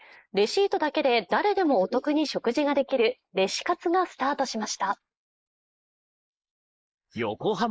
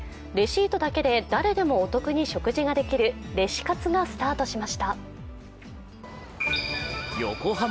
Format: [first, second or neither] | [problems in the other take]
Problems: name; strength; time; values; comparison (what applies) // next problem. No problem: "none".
second | noise reduction (neural mask model Resemble Enhance denoiser)